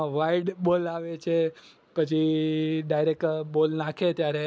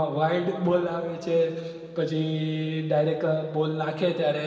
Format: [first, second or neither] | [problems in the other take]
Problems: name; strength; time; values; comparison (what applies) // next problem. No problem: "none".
first | room echo; dies away in 2.6 s